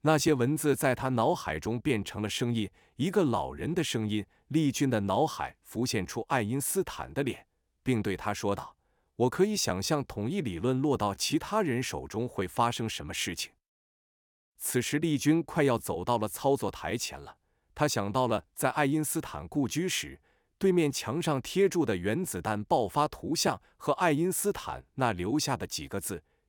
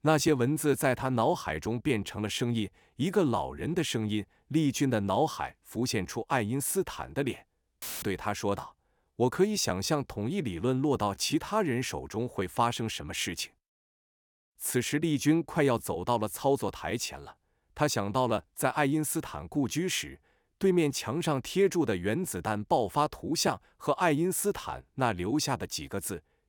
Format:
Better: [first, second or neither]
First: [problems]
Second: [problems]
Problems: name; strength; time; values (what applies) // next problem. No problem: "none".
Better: first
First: none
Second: audio cutting out; filled with static; at 8 s